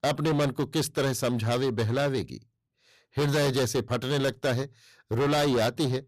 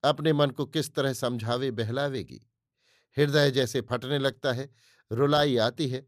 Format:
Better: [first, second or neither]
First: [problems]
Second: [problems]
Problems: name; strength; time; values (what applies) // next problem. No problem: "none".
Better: second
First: distortion; heavy; 20% of the sound clipped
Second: none